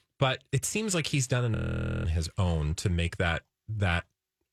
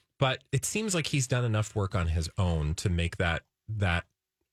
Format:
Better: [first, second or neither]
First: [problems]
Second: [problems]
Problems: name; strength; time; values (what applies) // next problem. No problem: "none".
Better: second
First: audio freezing; at 1.5 s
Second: none